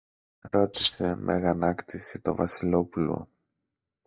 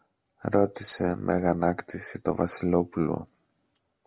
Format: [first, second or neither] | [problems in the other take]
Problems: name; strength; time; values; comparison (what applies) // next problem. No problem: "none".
second | noise reduction (neural mask model DeepFilterNet 3)